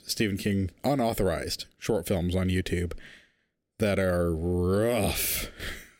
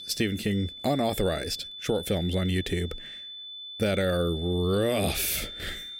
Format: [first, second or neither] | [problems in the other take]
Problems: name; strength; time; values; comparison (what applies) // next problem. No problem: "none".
first | high-pitched whine; noticeable; throughout; 3.5 kHz, 10 dB below the speech